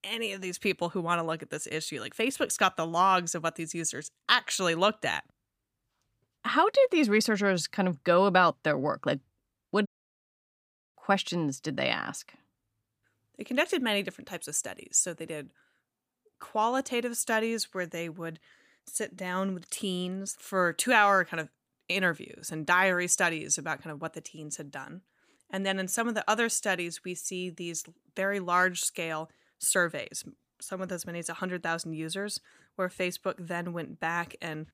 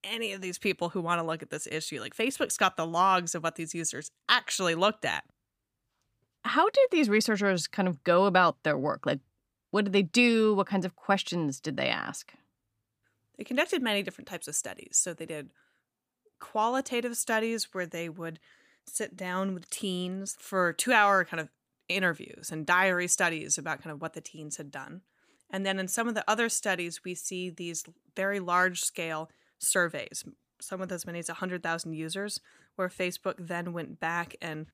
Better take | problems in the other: second | audio cutting out; at 10 s for 1 s

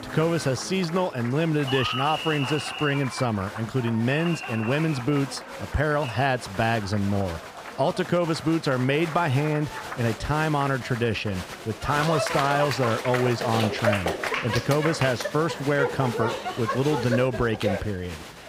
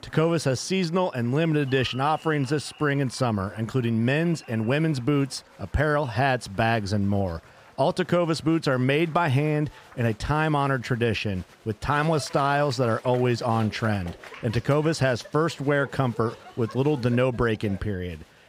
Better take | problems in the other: second | crowd noise; loud; throughout; 6 dB below the speech; faint in the second

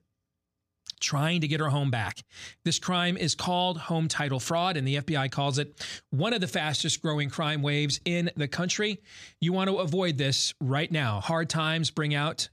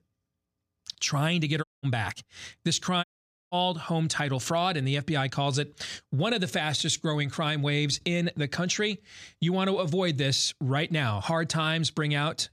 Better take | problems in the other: first | audio cutting out; at 1.5 s and at 3 s

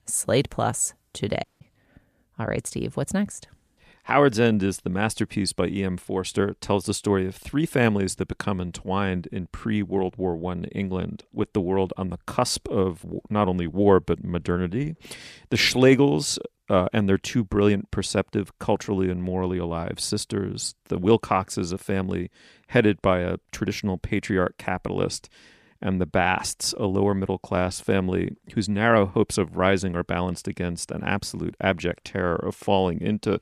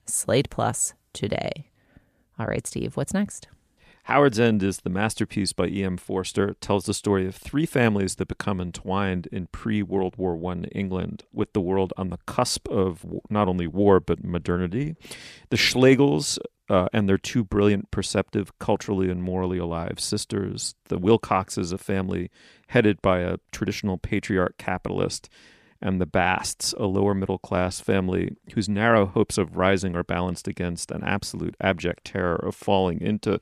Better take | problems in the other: second | audio cutting out; at 1.5 s

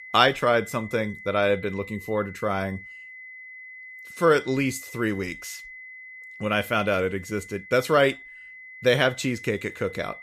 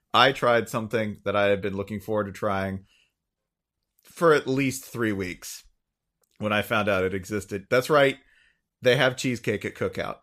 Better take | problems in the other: second | high-pitched whine; noticeable; throughout; 2 kHz, 15 dB below the speech

